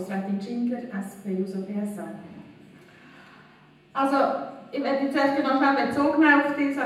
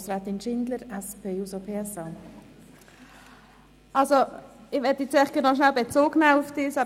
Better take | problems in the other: second | room echo; dies away in 0.9 s

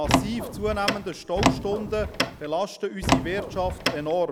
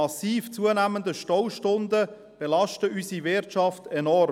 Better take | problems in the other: second | background sound (Door); 1 dB above the speech

